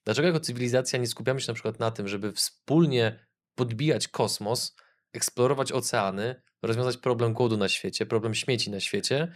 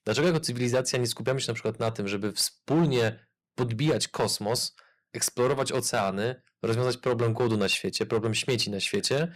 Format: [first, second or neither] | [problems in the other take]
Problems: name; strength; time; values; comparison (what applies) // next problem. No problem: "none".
first | distortion; slight; 5% of the sound clipped